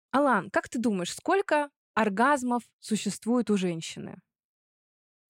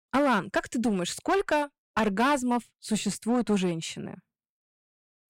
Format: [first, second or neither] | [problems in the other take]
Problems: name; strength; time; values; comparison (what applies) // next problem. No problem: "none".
first | distortion; slight; 7% of the sound clipped